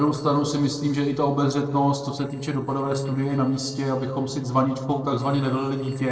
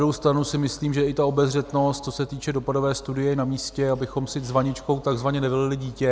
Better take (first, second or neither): second